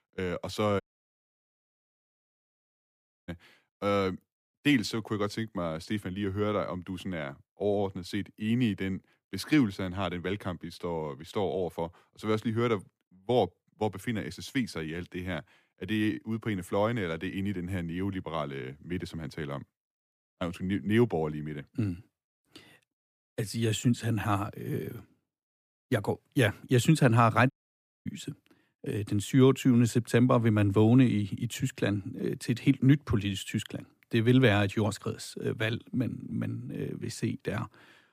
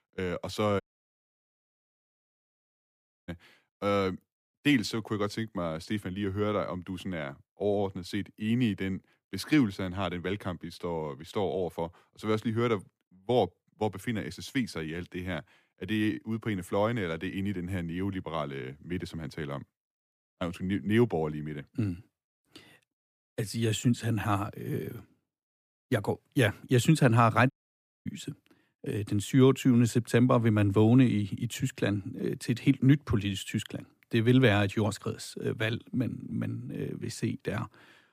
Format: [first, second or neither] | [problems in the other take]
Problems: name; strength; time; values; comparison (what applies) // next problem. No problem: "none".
neither | audio cutting out; at 1 s for 2.5 s and at 28 s for 0.5 s; the same in both